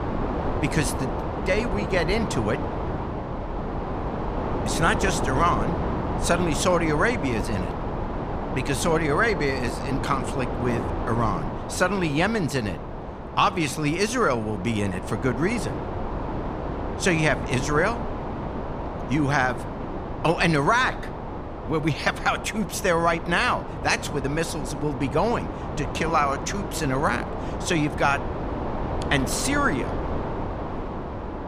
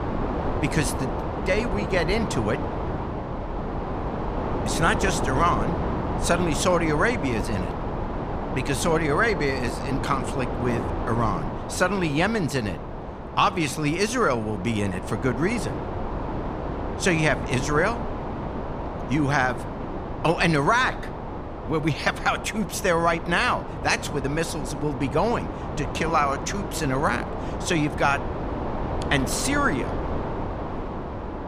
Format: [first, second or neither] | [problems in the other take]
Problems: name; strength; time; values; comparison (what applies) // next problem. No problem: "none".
neither | wind noise on the microphone; heavy; 7 dB below the speech; the same in both